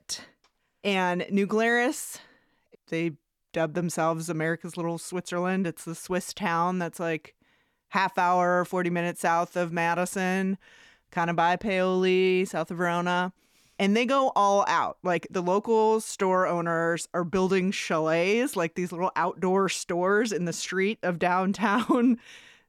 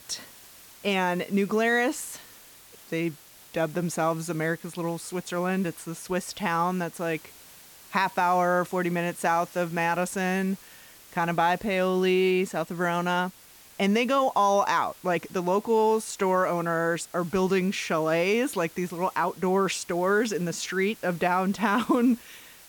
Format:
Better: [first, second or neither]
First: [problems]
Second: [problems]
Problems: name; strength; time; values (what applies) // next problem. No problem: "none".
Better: first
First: none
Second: hiss; faint; throughout; 20 dB below the speech